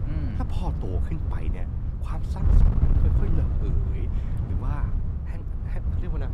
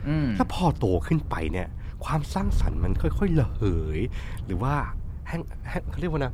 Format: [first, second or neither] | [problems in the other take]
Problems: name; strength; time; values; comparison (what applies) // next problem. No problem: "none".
second | wind noise on the microphone; heavy; 1 dB above the speech; occasional gusts in the second